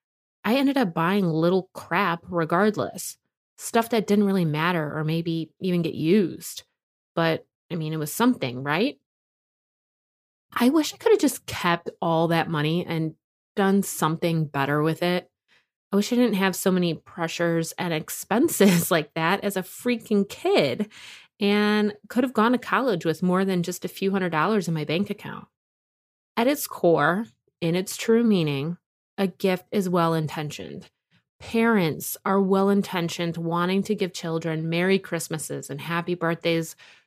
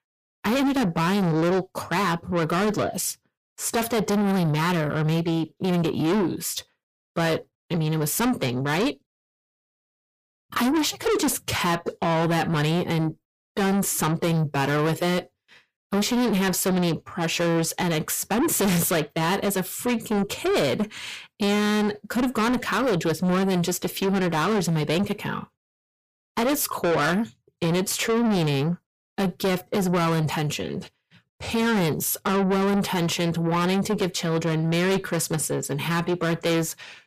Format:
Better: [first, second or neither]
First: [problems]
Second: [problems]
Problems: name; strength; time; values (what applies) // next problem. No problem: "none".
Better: first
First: none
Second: distortion; heavy; 6 dB below the speech